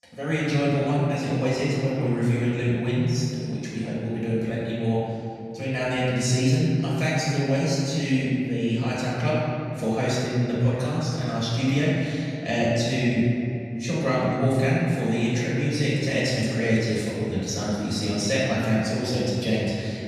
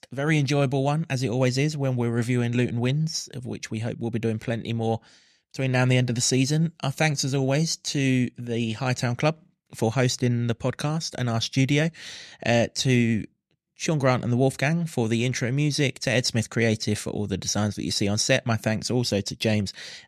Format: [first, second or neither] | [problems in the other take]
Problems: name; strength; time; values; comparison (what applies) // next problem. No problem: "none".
second | off-mic speech; far // room echo; strong; dies away in 2.5 s